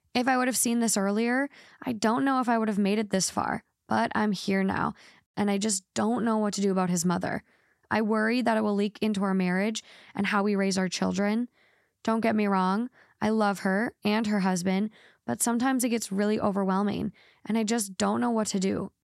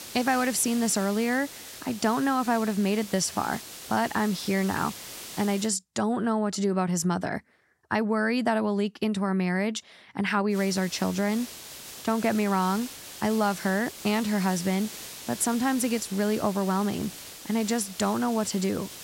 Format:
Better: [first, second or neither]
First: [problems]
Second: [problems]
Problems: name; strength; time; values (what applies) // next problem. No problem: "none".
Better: first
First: none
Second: hiss; noticeable; until 5.5 s and from 11 s on; 10 dB below the speech